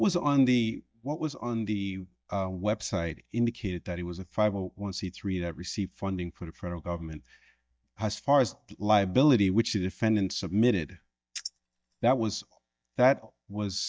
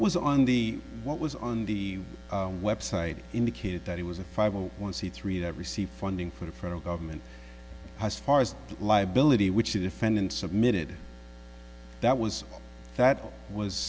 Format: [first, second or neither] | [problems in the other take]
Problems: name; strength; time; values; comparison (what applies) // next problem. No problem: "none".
second | noise reduction (neural mask model DeepFilterNet 3)